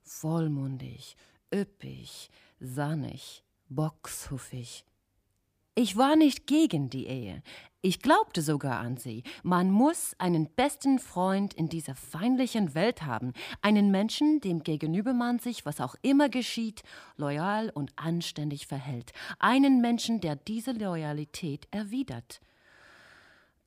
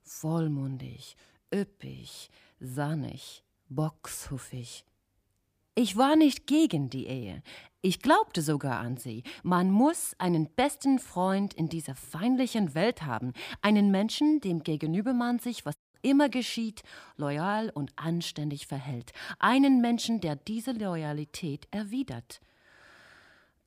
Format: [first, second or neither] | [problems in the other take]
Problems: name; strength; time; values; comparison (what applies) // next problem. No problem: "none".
first | audio cutting out; at 16 s